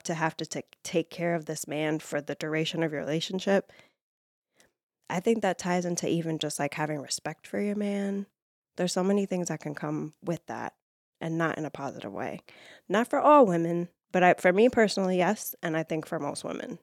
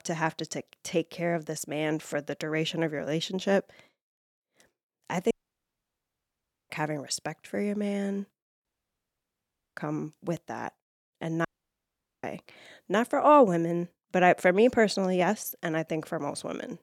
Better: first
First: none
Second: audio cutting out; at 5.5 s for 1.5 s, at 8.5 s for 1 s and at 11 s for 1 s

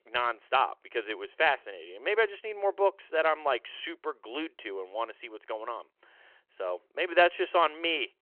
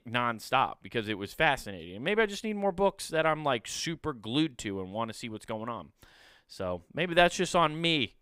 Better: second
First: phone-call audio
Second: none

